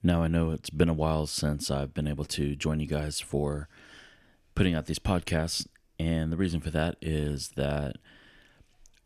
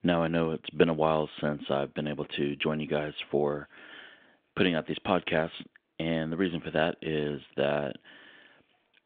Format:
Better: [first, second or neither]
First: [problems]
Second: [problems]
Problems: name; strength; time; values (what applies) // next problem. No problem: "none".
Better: first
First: none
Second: phone-call audio